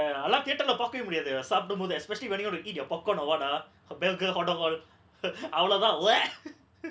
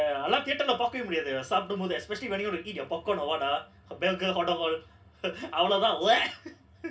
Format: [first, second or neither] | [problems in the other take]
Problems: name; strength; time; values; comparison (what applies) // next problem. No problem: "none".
first | room echo; dies away in 0.4 s